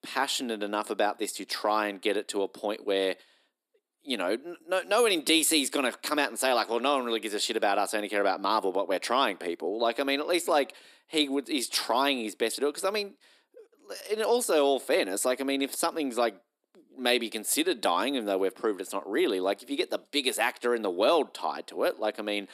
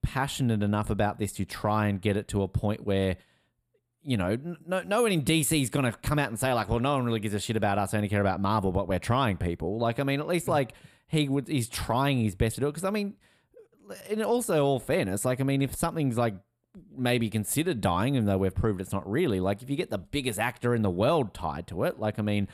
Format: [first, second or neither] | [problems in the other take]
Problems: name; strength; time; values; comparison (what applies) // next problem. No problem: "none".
second | thin; somewhat; fading below 300 Hz